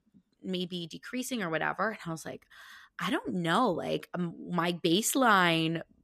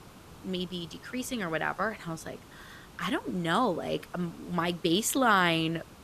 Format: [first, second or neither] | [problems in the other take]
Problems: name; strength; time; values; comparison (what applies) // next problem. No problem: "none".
first | hiss; faint; throughout; 20 dB below the speech